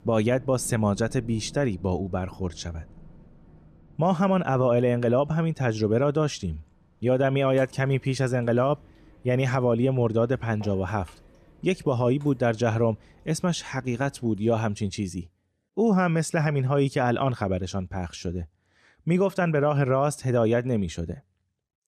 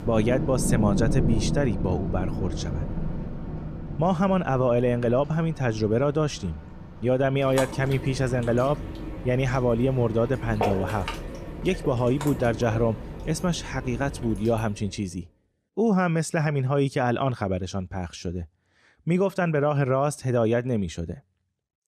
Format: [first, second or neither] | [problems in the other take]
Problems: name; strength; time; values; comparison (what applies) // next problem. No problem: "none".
first | rain or running water; loud; until 15 s; 7 dB below the speech; faint in the first